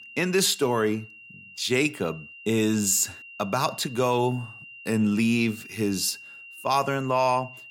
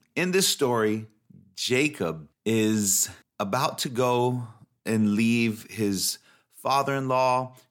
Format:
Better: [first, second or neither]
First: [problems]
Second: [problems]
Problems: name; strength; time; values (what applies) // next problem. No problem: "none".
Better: second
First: high-pitched whine; noticeable; throughout; 3 kHz, 15 dB below the speech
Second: none